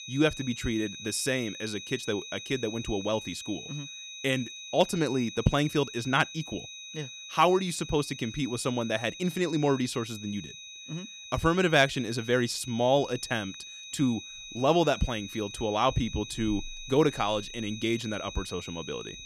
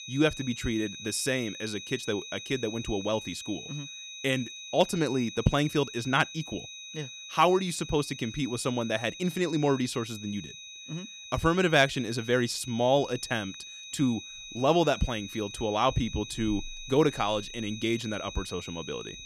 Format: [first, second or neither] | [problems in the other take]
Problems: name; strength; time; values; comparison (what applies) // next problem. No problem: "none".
neither | high-pitched whine; noticeable; throughout; 4 kHz, 10 dB below the speech; the same in both